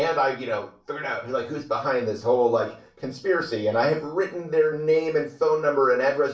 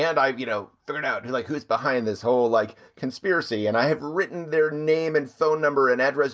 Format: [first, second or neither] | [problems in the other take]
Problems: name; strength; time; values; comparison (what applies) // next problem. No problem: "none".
second | room echo; dies away in 0.3 s